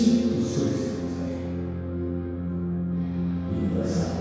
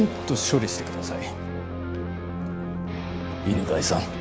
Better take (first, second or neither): second